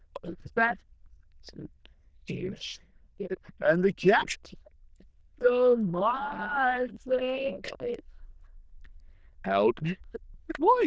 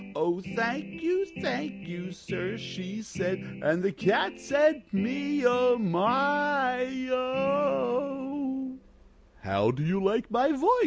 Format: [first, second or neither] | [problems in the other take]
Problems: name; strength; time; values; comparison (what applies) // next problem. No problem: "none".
second | noise reduction (neural diffusion model UNIVERSE++)